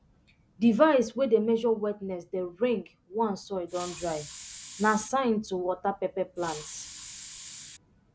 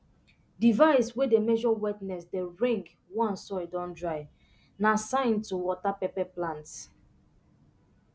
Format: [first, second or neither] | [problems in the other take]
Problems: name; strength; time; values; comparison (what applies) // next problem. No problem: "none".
second | background sound (Hiss); 14 dB below the speech